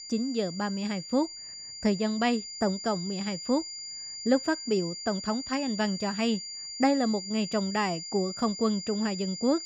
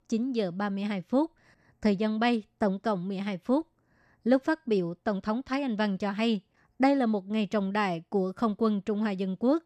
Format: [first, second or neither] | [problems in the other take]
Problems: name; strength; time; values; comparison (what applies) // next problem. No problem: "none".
second | high-pitched whine; loud; throughout; 4.5 kHz, 8 dB below the speech